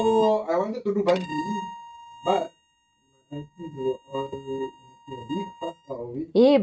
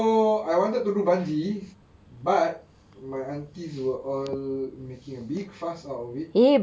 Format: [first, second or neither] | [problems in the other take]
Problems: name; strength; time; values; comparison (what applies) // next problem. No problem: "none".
second | noise reduction (neural mask model RNNoise)